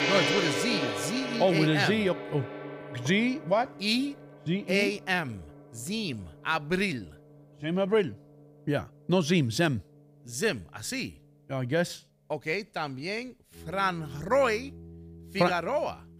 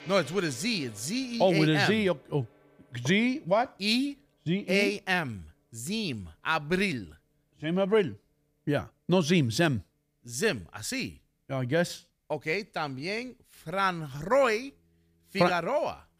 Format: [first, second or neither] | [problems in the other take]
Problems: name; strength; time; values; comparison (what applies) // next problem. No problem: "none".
second | background music; loud; throughout; 5 dB below the speech; faint in the second